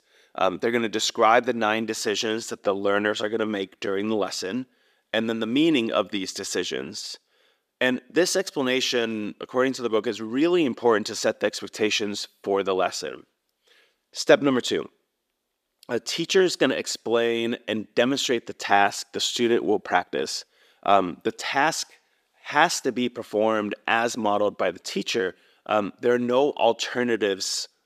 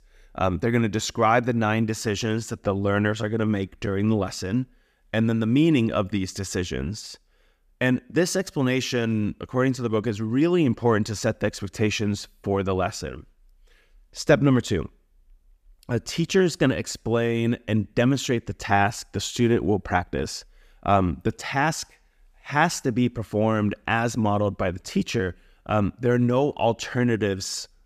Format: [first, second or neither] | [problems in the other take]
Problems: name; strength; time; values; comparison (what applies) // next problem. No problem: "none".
second | thin; somewhat; fading below 350 Hz